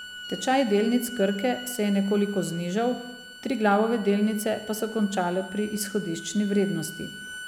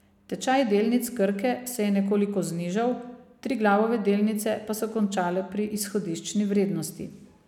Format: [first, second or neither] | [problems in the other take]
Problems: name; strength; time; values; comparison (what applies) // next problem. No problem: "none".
second | background sound (Bowed string instrument); 15 dB below the speech